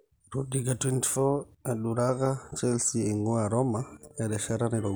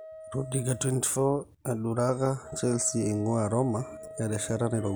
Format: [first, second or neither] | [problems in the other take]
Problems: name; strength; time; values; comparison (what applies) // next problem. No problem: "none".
first | background sound (Wind instrument, woodwind instrument); 17 dB below the speech